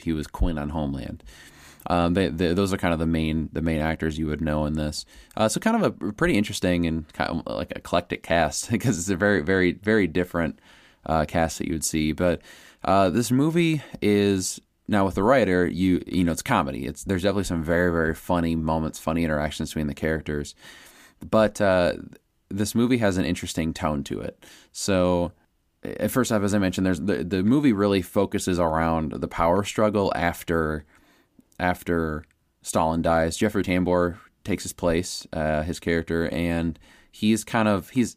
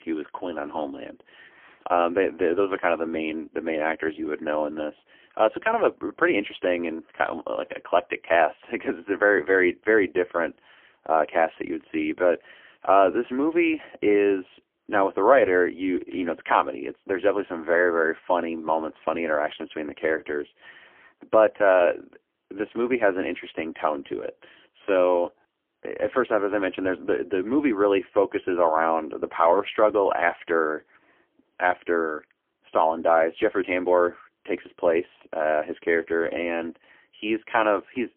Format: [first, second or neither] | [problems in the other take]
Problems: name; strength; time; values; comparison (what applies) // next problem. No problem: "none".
first | phone-call audio; poor line; nothing above 3 kHz